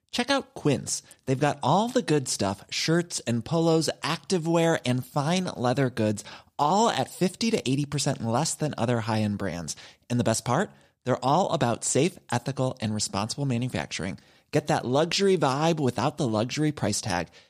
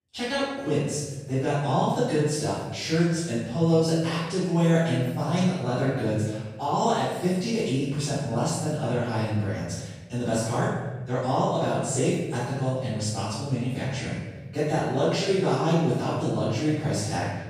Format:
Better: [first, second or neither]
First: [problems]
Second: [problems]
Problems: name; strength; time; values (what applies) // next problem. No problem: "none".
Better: first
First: none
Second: room echo; strong; dies away in 1.2 s // off-mic speech; far